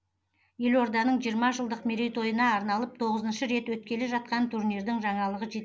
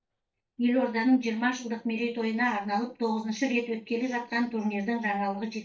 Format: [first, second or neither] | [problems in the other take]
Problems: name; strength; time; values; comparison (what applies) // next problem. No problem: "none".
first | noise reduction (neural mask model DeepFilterNet 3)